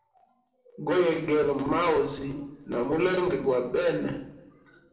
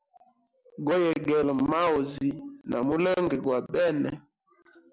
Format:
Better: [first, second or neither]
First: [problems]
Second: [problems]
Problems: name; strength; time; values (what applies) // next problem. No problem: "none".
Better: second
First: room echo; dies away in 0.7 s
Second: none